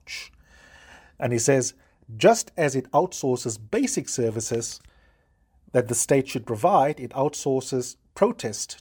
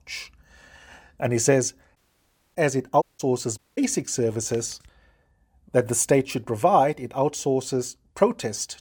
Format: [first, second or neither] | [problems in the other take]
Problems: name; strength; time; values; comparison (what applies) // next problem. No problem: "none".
first | audio cutting out; at 2 s for 0.5 s, at 3 s and at 3.5 s